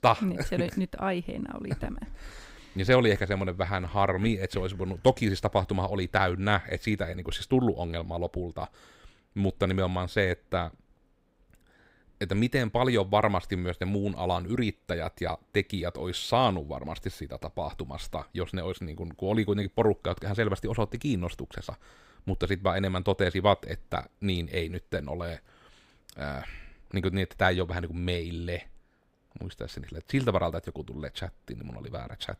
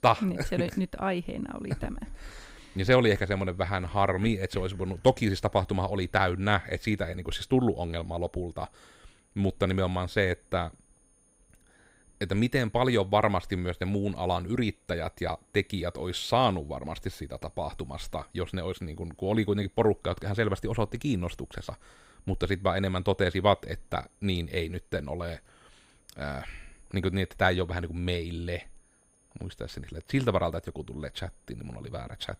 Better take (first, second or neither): first